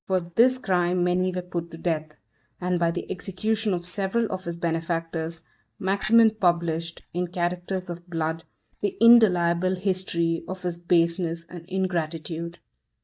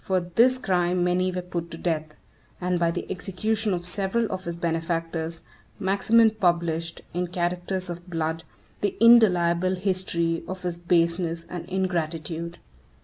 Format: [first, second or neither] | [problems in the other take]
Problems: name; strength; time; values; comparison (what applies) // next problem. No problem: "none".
second | noise reduction (neural mask model DeepFilterNet 3)